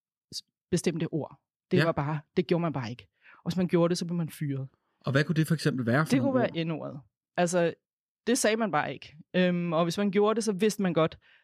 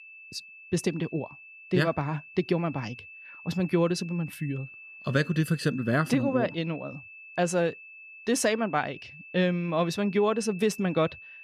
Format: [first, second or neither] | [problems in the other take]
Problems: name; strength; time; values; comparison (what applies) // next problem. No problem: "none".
first | high-pitched whine; noticeable; throughout; 2.5 kHz, 15 dB below the speech